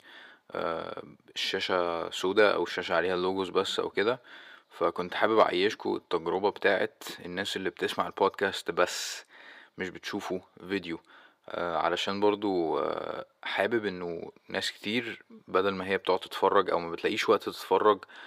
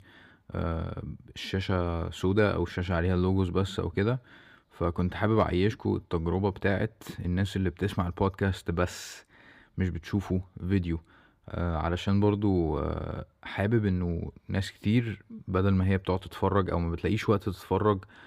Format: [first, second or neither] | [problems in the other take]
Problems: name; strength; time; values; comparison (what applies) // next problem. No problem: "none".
second | thin; very; fading below 500 Hz